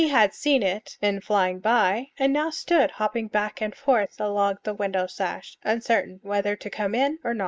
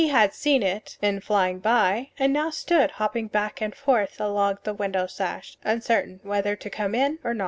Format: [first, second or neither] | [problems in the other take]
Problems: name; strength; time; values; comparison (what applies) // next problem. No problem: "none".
second | noise reduction (neural mask model Resemble Enhance denoiser)